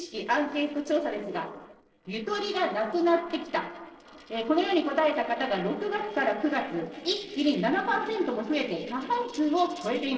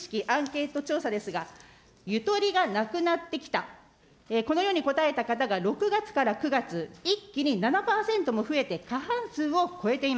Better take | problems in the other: second | noise reduction (neural separator model SepFormer DNS4)

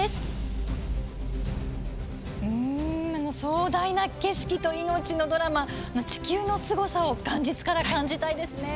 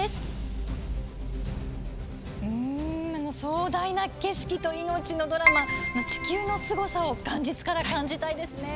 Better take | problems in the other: first | background sound (Keyboard (musical)); 1 dB above the speech

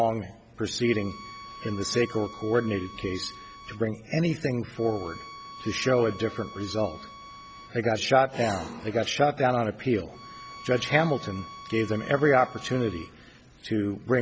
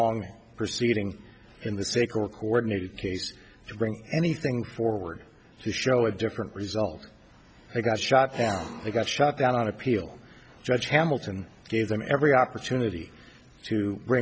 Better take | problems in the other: second | background sound (Bowed string instrument); 17 dB below the speech

